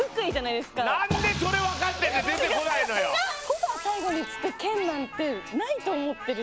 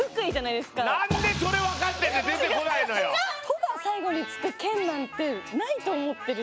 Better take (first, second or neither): second